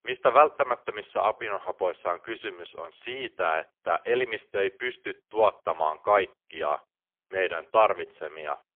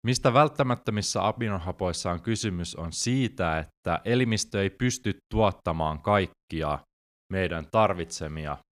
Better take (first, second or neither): second